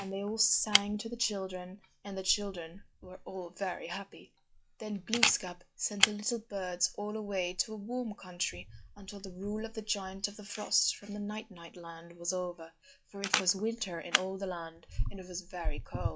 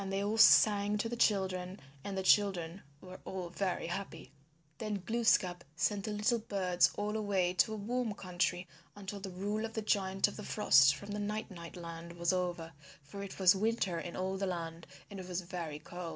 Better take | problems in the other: second | noise reduction (classical method log-MMSE)

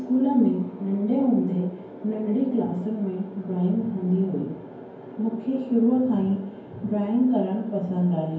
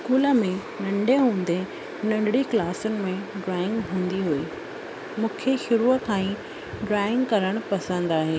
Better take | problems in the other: second | room echo; dies away in 0.9 s

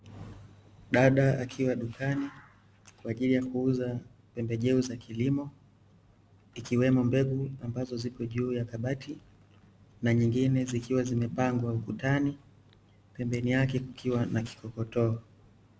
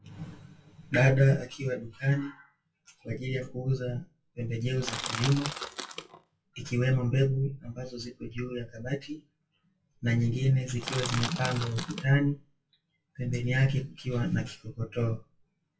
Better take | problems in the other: first | noise reduction (classical method WPE with log-MMSE)

